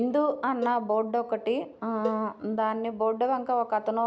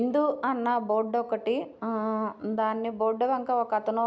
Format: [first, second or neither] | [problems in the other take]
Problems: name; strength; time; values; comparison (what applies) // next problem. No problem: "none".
second | background sound (Cowbell); 12 dB below the speech